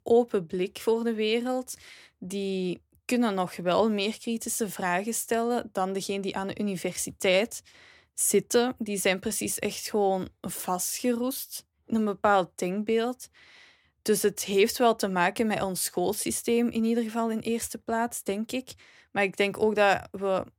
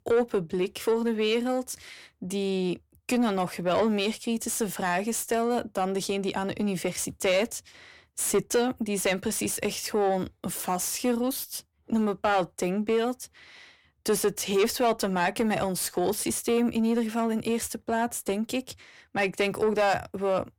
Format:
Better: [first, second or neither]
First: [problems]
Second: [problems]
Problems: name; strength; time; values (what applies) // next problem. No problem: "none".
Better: first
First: none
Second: distortion; slight; 10 dB below the speech